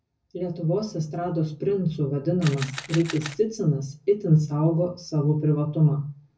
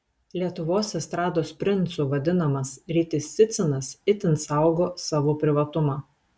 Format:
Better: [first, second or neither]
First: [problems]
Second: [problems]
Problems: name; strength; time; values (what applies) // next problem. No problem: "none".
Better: second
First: background sound (Camera); 14 dB below the speech // room echo; dies away in 0.4 s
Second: none